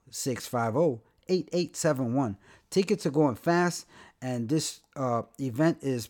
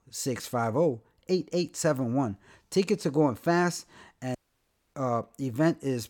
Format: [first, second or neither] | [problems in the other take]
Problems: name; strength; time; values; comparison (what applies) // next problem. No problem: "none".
first | audio cutting out; at 4.5 s for 0.5 s